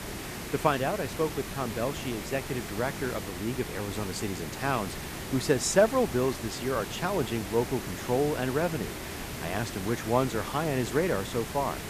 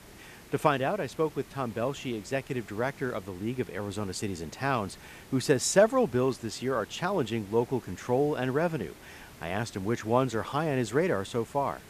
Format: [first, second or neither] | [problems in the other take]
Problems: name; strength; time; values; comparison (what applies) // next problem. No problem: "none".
second | hiss; loud; throughout; 7 dB below the speech; faint in the second